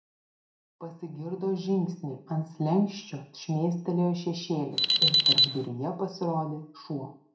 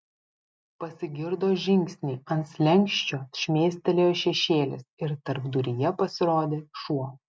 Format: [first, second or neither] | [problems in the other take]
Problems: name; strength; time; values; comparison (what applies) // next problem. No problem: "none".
second | background sound (Alarm); 4 dB above the speech // room echo; dies away in 0.4 s